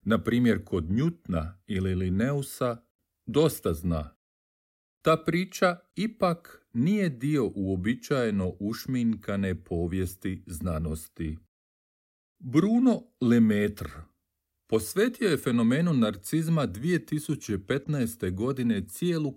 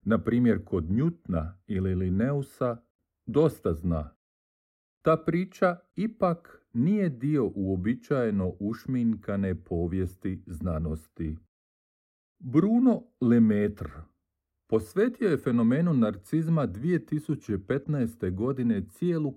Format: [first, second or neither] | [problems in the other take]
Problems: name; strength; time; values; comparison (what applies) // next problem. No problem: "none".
first | muffled; slightly; fading above 2 kHz